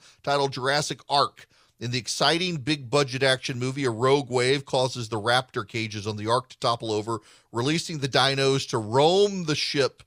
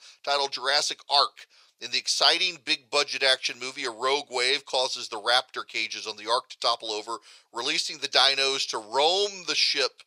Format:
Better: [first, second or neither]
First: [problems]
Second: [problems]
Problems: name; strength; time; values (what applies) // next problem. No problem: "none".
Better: first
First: none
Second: thin; very; fading below 600 Hz